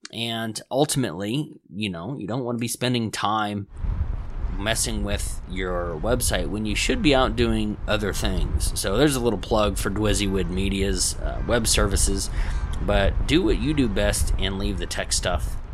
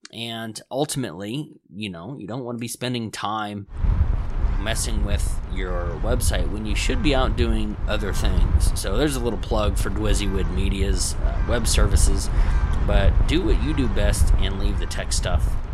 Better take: first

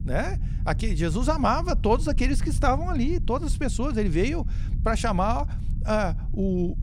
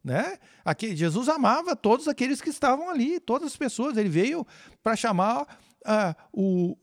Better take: second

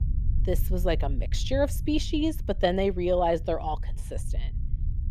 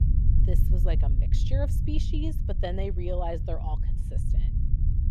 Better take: first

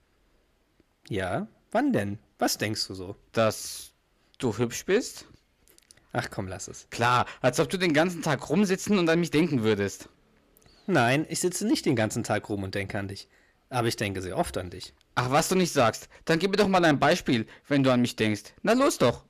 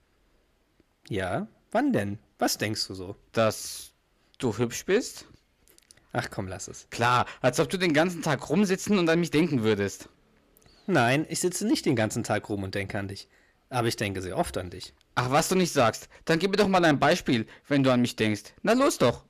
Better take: neither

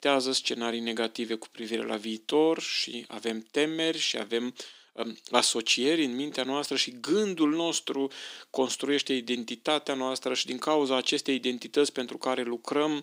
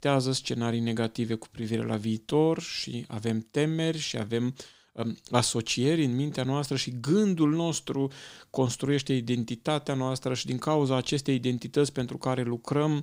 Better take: second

